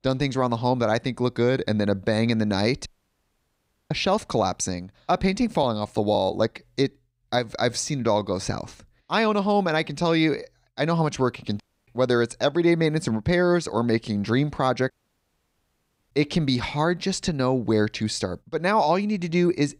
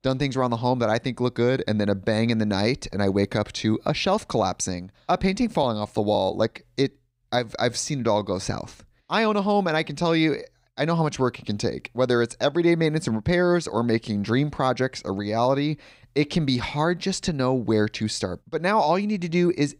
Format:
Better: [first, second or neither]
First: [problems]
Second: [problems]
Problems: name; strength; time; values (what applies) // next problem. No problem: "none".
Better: second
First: audio cutting out; at 3 s for 1 s, at 12 s and at 15 s for 1 s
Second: none